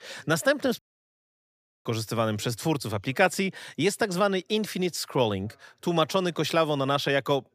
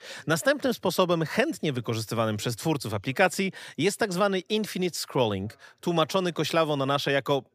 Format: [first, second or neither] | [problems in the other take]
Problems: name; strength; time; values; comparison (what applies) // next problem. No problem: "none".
second | audio cutting out; at 1 s for 1 s